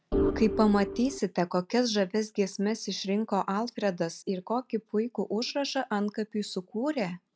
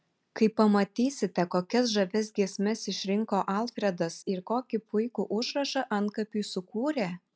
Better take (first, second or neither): second